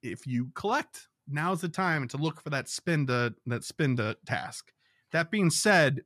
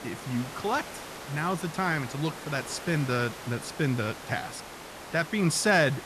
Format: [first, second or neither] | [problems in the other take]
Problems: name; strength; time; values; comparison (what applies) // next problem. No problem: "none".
first | hiss; noticeable; throughout; 10 dB below the speech